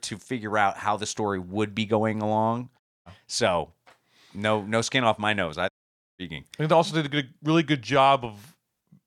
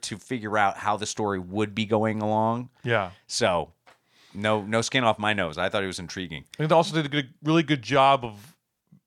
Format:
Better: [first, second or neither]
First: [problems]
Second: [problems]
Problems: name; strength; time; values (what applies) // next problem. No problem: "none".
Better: second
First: audio cutting out; at 3 s and at 5.5 s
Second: none